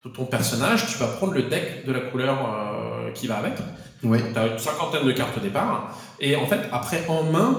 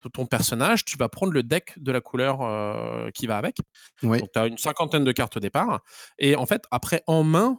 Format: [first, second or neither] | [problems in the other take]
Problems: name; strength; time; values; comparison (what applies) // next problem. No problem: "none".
second | room echo; noticeable; dies away in 0.9 s // off-mic speech; somewhat distant